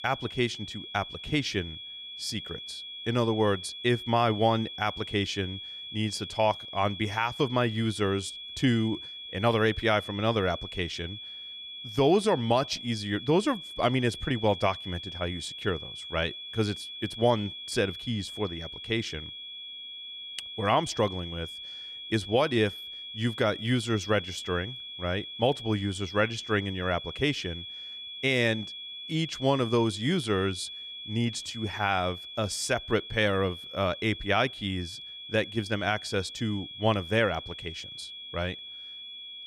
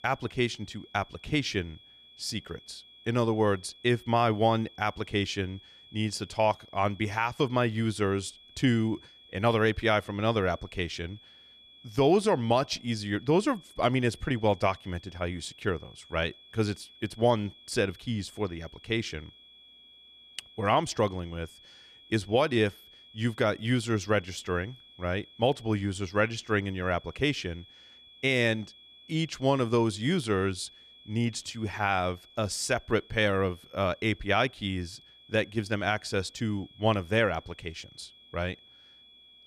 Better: second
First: high-pitched whine; loud; throughout; 3.5 kHz, 10 dB below the speech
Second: high-pitched whine; faint; throughout; 3.5 kHz, 25 dB below the speech

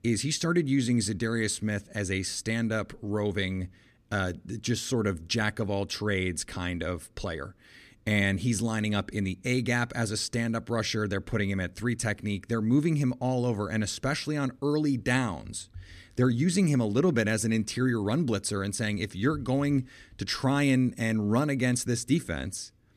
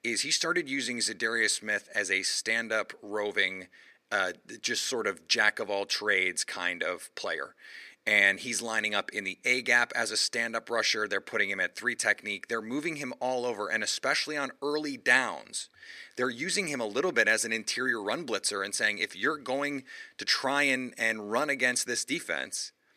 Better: first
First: none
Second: thin; very; fading below 550 Hz

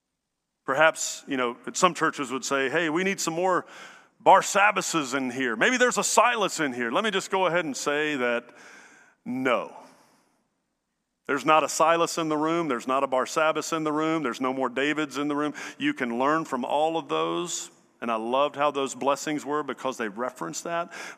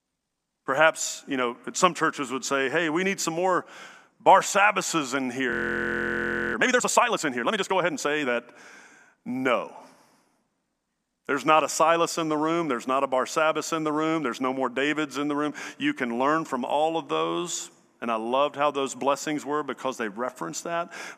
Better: first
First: none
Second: audio freezing; at 5.5 s for 1 s

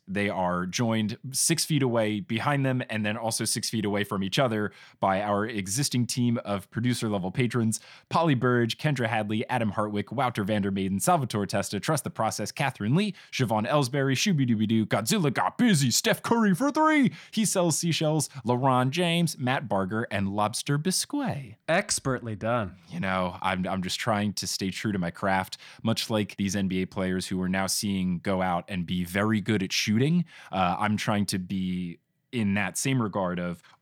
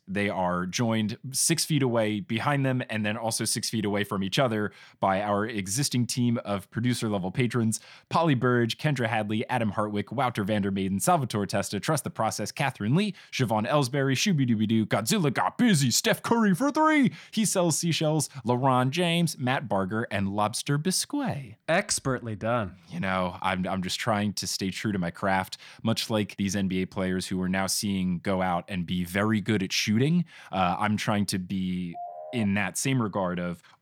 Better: first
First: none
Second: phone ringing; faint; at 32 s; peak 10 dB below the speech

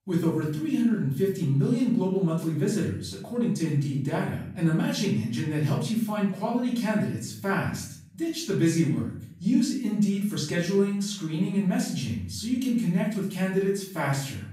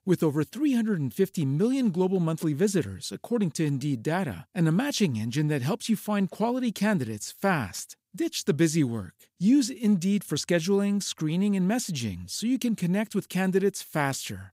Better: second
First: off-mic speech; far // room echo; noticeable; dies away in 0.6 s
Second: none

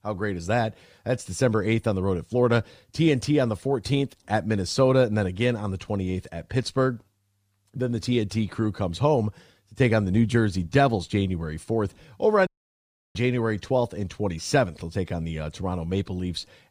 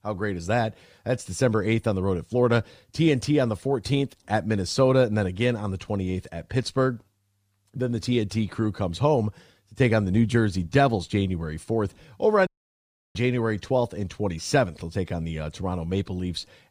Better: neither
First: audio cutting out; at 12 s for 0.5 s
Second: audio cutting out; at 12 s for 0.5 s

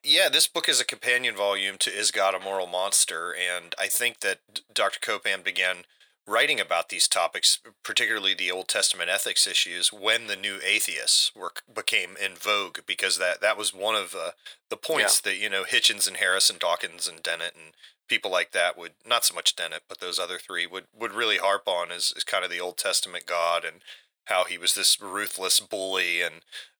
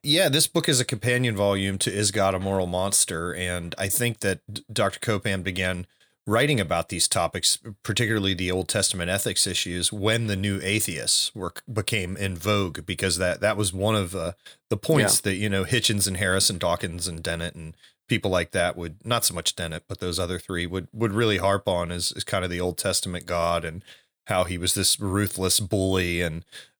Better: second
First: thin; very; fading below 650 Hz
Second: none

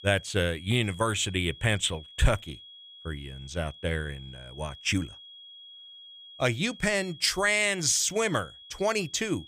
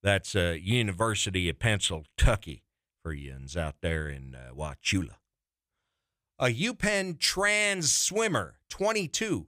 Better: second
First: high-pitched whine; noticeable; throughout; 3.5 kHz, 20 dB below the speech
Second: none

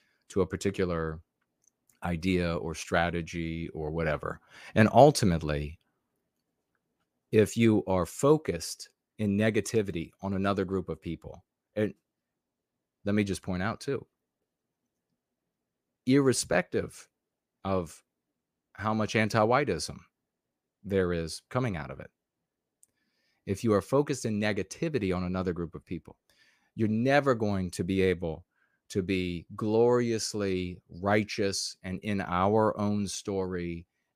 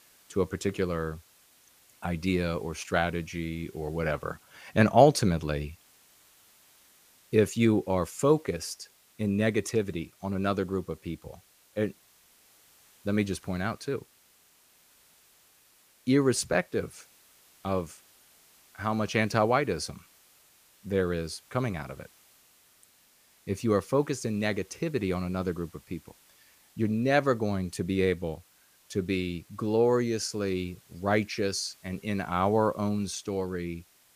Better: first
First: none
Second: hiss; faint; throughout; 30 dB below the speech

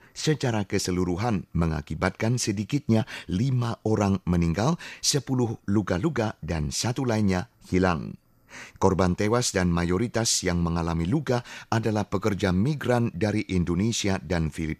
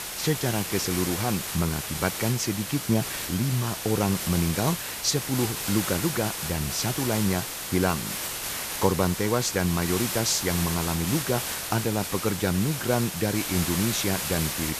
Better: first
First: none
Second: hiss; loud; throughout; 3 dB below the speech

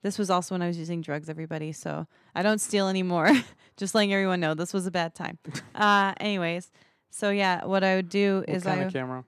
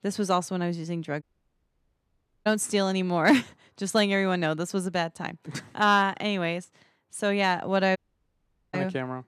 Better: first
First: none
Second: audio cutting out; at 1 s for 1 s and at 8 s for 1 s

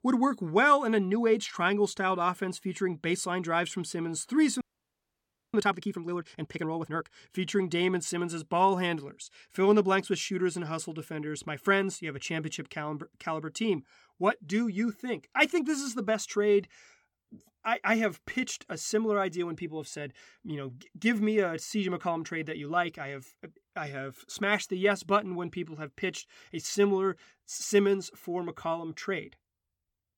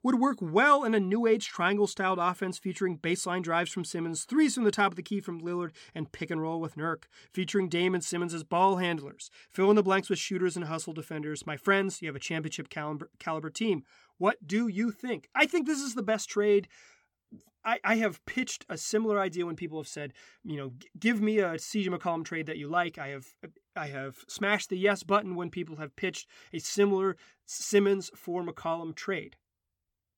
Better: second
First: audio freezing; at 4.5 s for 1 s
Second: none

